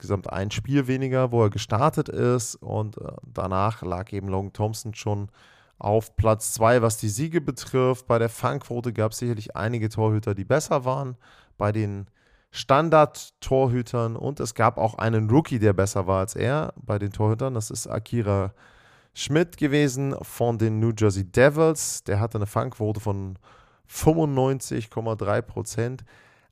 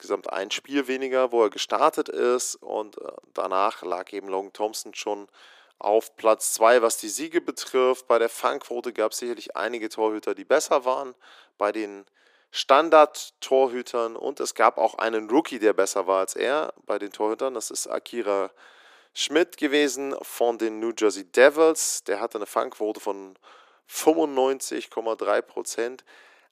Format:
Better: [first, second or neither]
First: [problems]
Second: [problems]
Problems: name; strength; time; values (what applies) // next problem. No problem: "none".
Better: first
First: none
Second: thin; somewhat; fading below 300 Hz